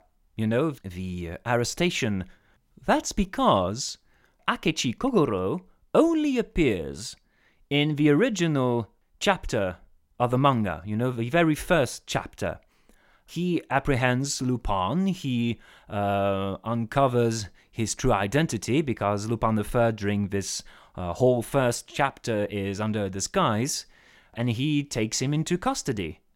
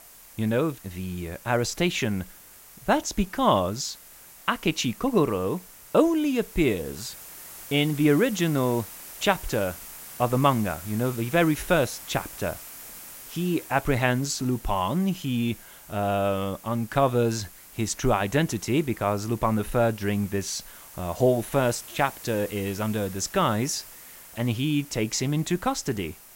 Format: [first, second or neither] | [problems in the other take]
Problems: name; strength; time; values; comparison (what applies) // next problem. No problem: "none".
first | hiss; noticeable; throughout; 15 dB below the speech